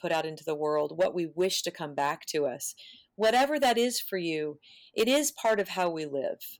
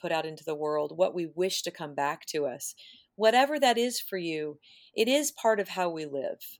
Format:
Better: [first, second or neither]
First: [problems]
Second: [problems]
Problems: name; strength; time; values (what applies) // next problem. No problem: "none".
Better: second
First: distortion; slight; 3% of the sound clipped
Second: none